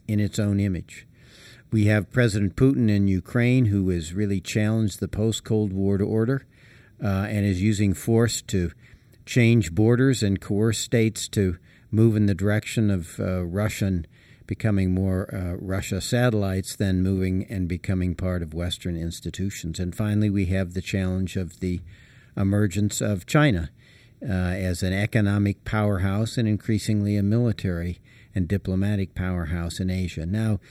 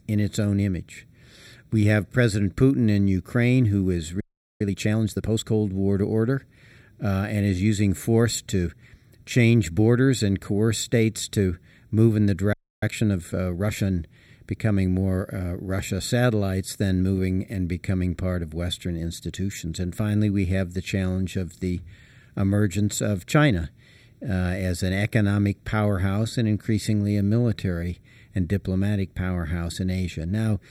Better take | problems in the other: first | audio freezing; at 4 s and at 13 s

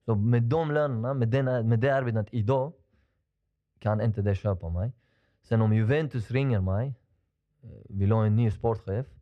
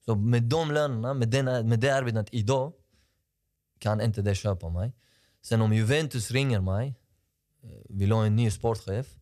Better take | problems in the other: second | muffled; very; fading above 4 kHz

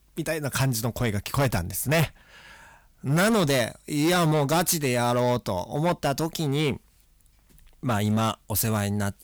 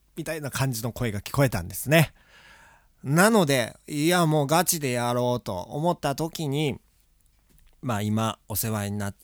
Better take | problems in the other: second | distortion; heavy; 10% of the sound clipped

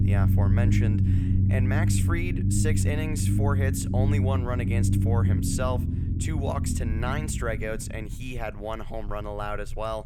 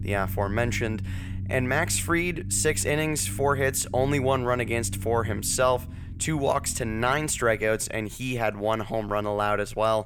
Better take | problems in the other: second | low rumble; loud; throughout; 4 dB below the speech; faint in the second

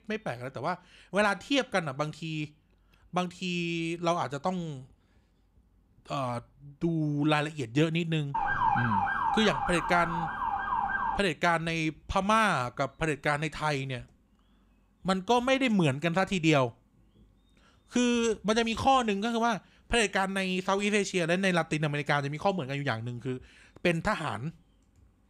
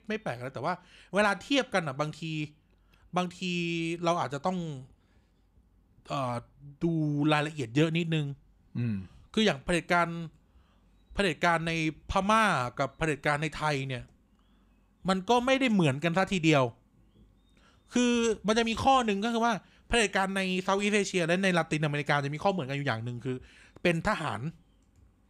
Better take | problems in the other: second | siren; loud; from 8.5 to 11 s; peak 2 dB above the speech

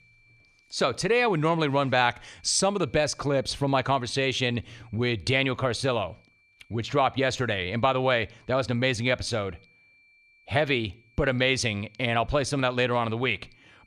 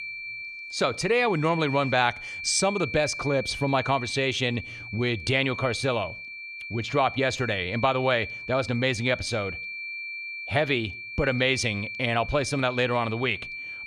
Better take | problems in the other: first | high-pitched whine; loud; throughout; 2.5 kHz, 9 dB below the speech; faint in the first

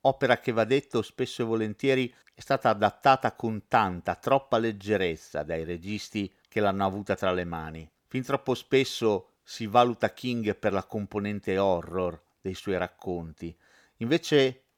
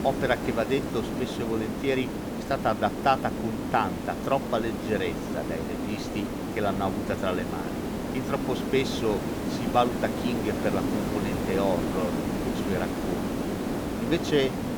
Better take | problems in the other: first | hiss; loud; throughout; 1 dB below the speech

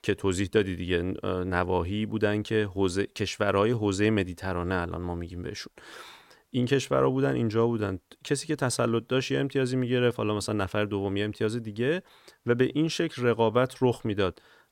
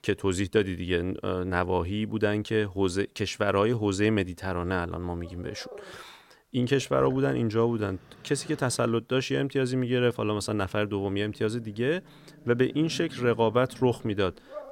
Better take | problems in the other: first | animal sounds; faint; throughout; 20 dB below the speech

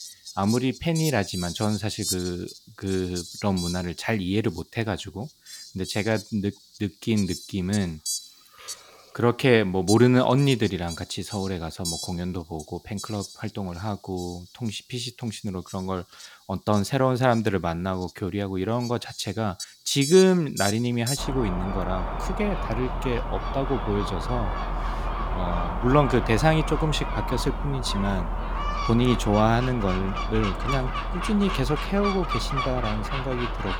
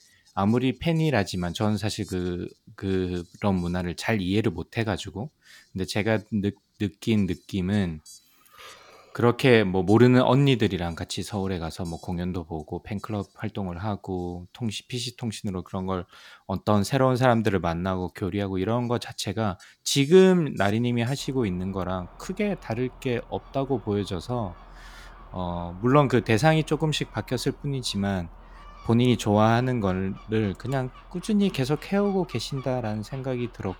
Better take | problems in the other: second | animal sounds; loud; throughout; 6 dB below the speech; faint in the second

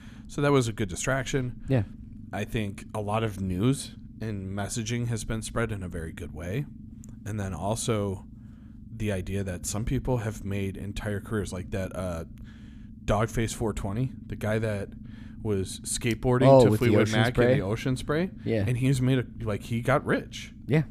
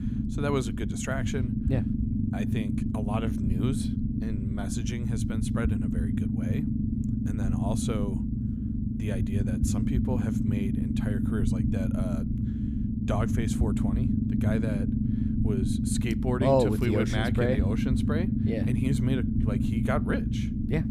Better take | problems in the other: first | low rumble; loud; throughout; 2 dB below the speech; faint in the first

